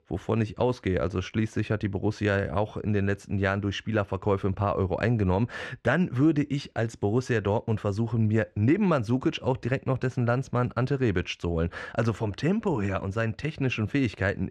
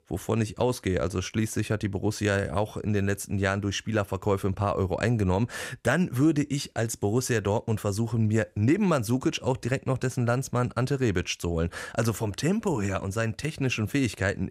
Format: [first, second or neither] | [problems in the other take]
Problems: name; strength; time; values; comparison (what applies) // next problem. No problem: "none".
second | muffled; slightly; fading above 3.5 kHz